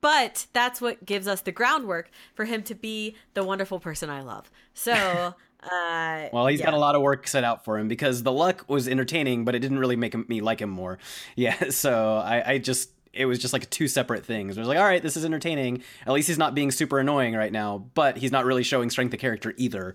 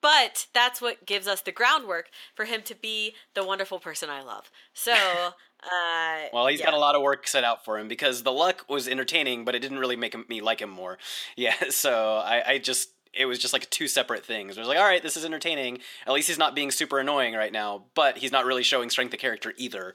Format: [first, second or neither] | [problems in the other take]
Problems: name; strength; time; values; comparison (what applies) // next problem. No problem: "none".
first | thin; somewhat; fading below 450 Hz